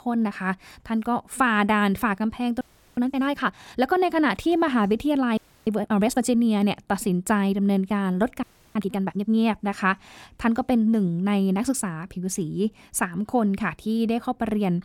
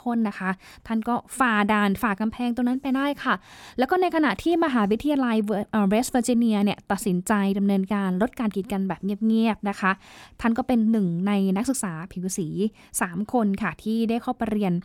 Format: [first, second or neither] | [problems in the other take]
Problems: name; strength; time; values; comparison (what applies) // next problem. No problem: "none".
second | audio freezing; at 2.5 s, at 5.5 s and at 8.5 s